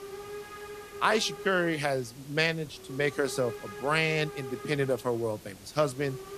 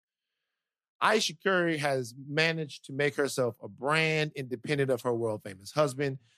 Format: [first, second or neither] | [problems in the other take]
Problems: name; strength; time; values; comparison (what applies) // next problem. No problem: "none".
second | hiss; noticeable; throughout; 15 dB below the speech